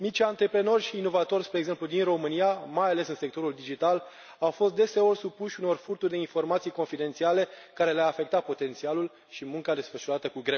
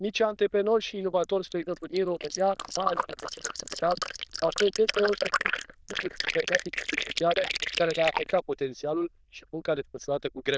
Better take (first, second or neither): first